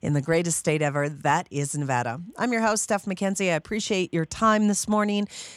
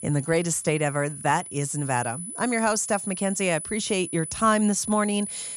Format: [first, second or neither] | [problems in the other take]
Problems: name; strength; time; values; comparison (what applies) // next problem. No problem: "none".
first | high-pitched whine; loud; throughout; 10 kHz, 8 dB below the speech